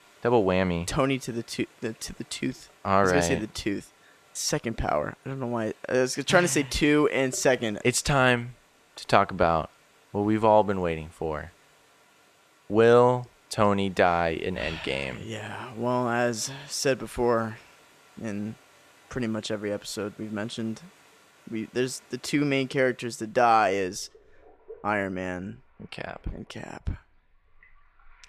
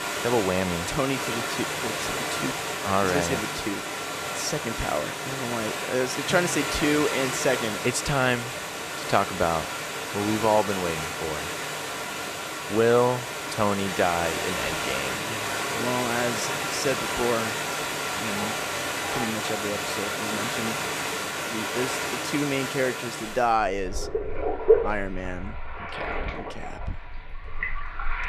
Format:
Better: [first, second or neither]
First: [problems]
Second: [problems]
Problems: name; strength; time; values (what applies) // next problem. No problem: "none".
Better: first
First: rain or running water; faint; throughout; 30 dB below the speech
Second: rain or running water; loud; throughout; 1 dB below the speech